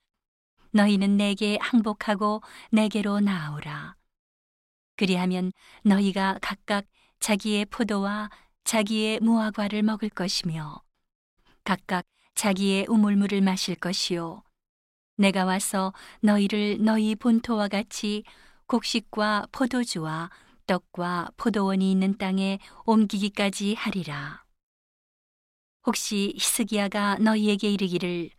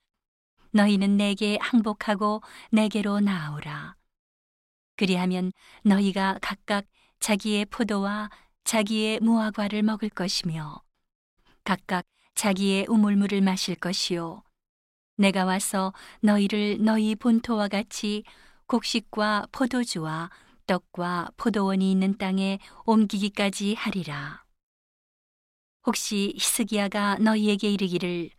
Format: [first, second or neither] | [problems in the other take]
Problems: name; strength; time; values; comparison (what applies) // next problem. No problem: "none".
neither | none